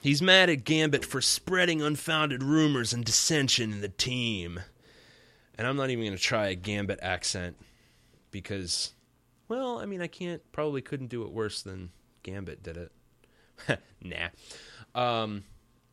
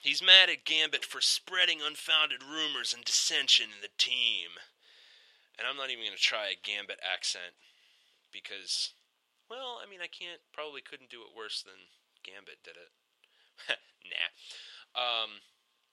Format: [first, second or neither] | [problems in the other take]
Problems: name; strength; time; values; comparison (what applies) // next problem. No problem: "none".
first | thin; very; fading below 700 Hz